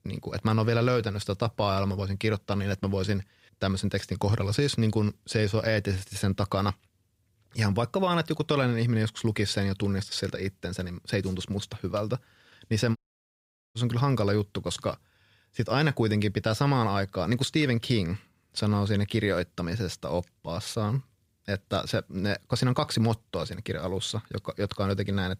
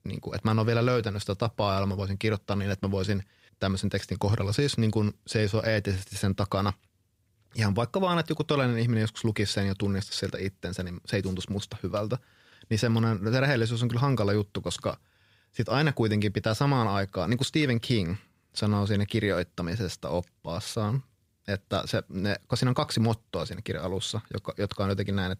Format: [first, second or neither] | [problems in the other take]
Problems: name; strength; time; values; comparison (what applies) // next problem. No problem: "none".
second | audio cutting out; at 13 s for 1 s